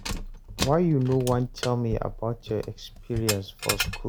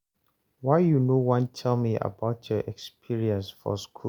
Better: second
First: background sound (Keys jangling); 6 dB below the speech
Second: none

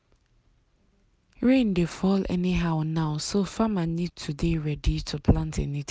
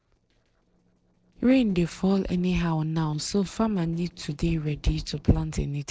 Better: first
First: none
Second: noise reduction (neural separator model SepFormer DNS4)

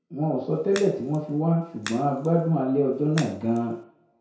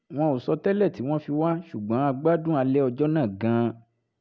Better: second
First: background sound (Crack); 17 dB below the speech // room echo; dies away in 0.5 s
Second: none

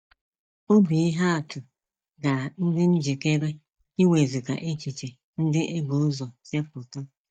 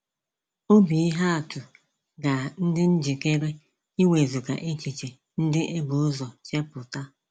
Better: second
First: noise reduction (neural mask model DeepFilterNet 3)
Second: none

